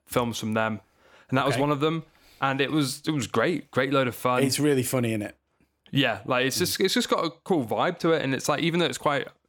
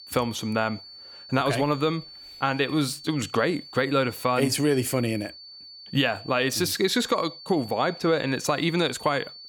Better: first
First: none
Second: high-pitched whine; noticeable; throughout; 4.5 kHz, 15 dB below the speech

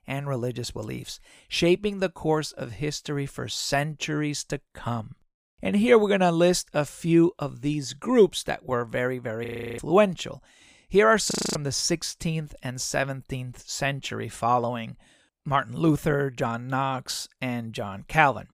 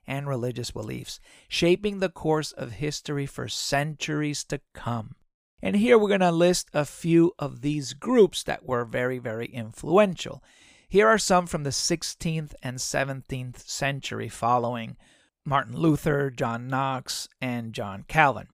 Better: second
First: audio freezing; at 9.5 s and at 11 s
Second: none

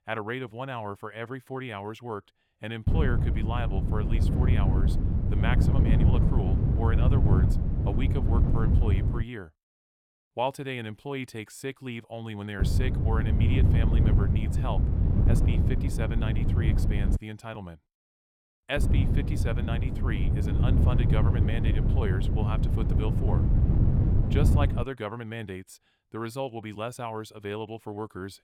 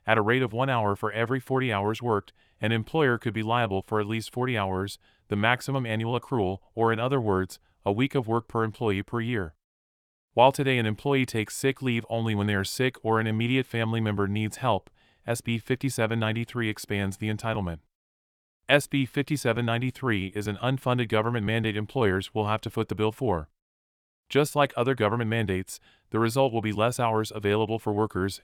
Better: second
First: wind noise on the microphone; heavy; from 3 to 9 s, from 13 to 17 s and from 19 to 25 s; 1 dB below the speech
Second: none

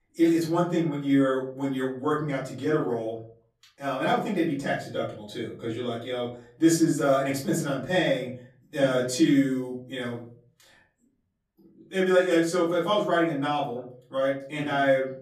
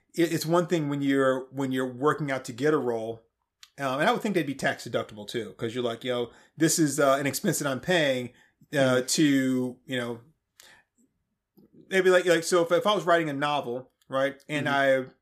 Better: second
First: off-mic speech; far // room echo; slight; dies away in 0.5 s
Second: none

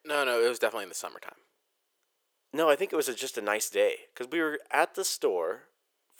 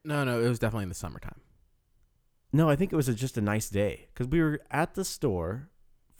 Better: second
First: thin; very; fading below 450 Hz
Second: none

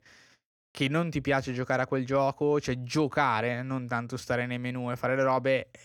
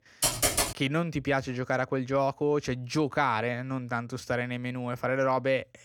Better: first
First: none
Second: keyboard typing; loud; at the start; peak 4 dB above the speech

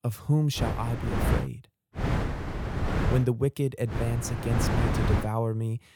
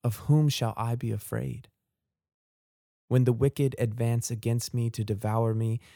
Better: second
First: wind noise on the microphone; heavy; at 0.5 s, from 2 to 3 s and from 4 to 5 s; as loud as the speech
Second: none

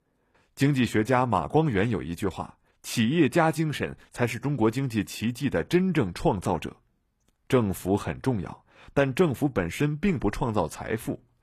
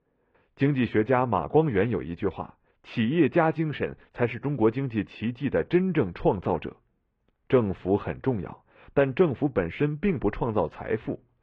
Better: first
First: none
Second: muffled; very; fading above 3 kHz

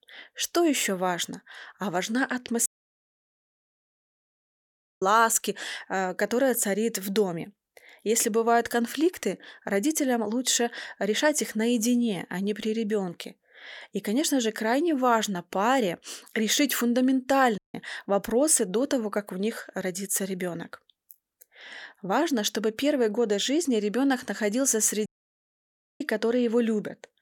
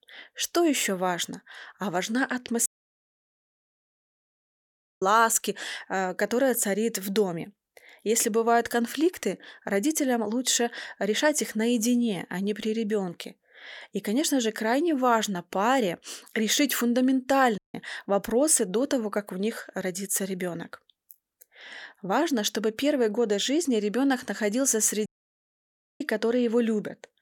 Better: neither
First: audio cutting out; at 2.5 s for 2.5 s, at 18 s and at 25 s for 1 s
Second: audio cutting out; at 2.5 s for 2.5 s, at 18 s and at 25 s for 1 s

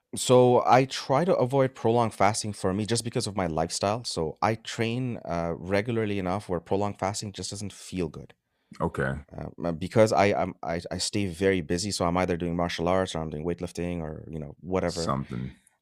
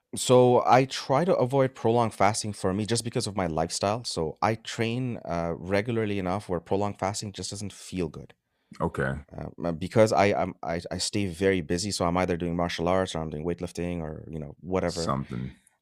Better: neither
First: none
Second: none

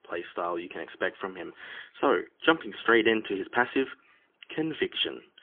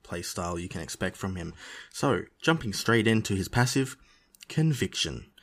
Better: second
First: phone-call audio; poor line; nothing above 3.5 kHz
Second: none

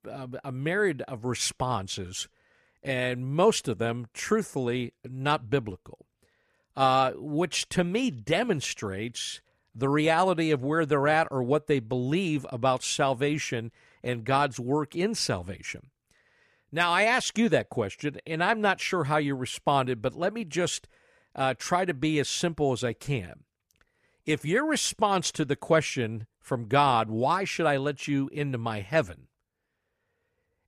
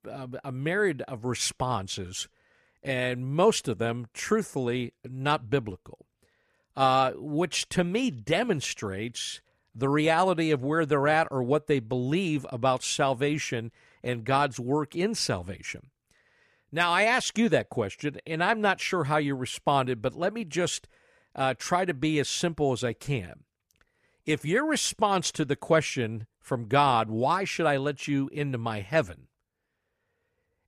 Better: neither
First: none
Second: none

